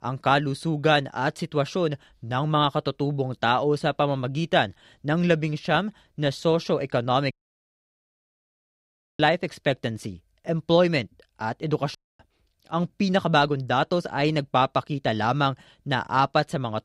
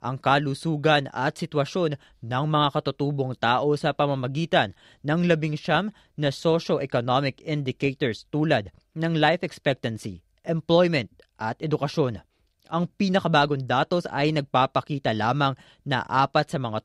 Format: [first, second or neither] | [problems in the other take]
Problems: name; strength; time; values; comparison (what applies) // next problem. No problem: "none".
second | audio cutting out; at 7.5 s for 2 s and at 12 s